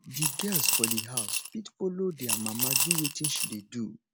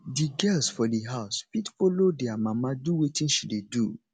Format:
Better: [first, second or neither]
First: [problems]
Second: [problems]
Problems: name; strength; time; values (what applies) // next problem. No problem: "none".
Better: second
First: background sound (Coin (dropping) / Glass); 4 dB above the speech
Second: none